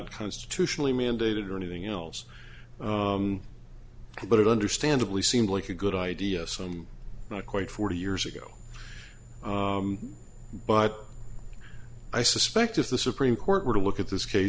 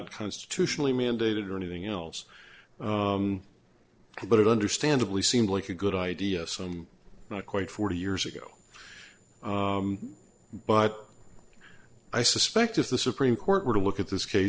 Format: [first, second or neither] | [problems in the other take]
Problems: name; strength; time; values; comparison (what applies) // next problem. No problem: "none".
first | noise reduction (neural separator model SepFormer DNS4)